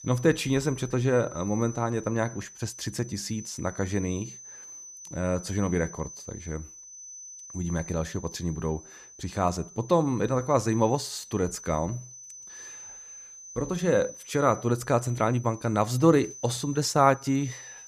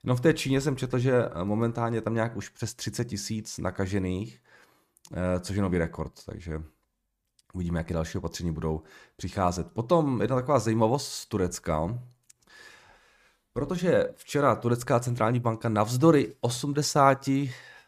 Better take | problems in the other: second | high-pitched whine; noticeable; throughout; 6 kHz, 15 dB below the speech

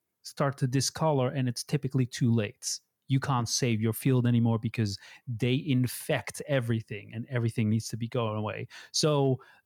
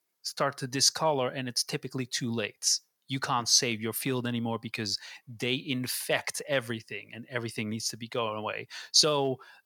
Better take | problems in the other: first | thin; somewhat; fading below 650 Hz

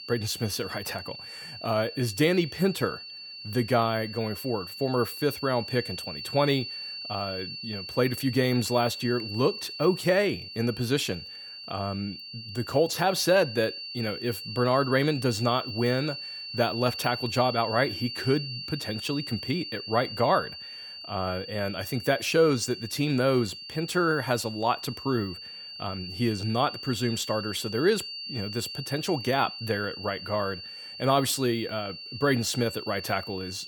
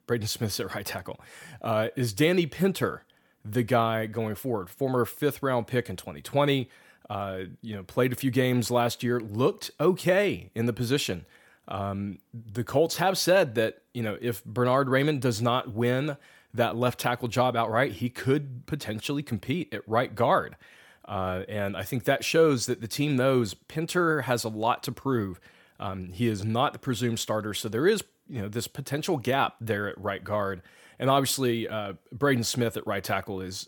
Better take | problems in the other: second | high-pitched whine; loud; throughout; 4.5 kHz, 9 dB below the speech

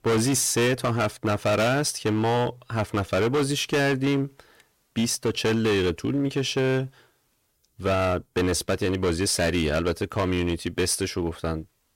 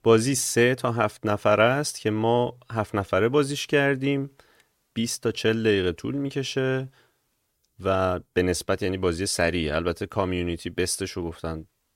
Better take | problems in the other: second | distortion; heavy; 14% of the sound clipped

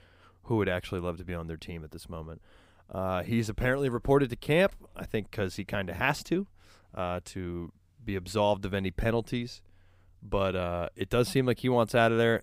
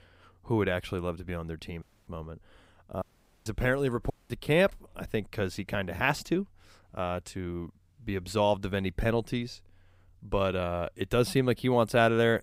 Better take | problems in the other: first | audio cutting out; at 2 s, at 3 s and at 4 s

